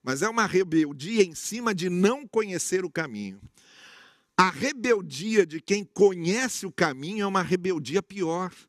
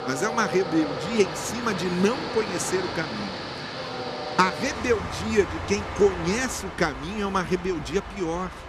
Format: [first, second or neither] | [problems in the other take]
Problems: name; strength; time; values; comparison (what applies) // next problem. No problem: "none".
first | train or aircraft noise; loud; throughout; 6 dB below the speech